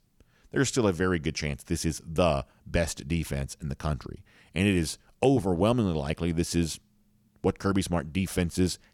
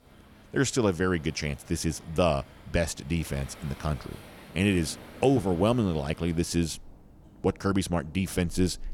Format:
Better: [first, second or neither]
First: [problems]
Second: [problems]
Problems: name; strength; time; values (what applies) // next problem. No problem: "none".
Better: first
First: none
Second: rain or running water; faint; throughout; 20 dB below the speech